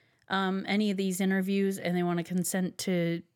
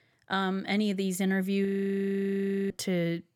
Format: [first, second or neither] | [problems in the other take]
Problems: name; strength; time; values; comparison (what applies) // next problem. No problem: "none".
first | audio freezing; at 1.5 s for 1 s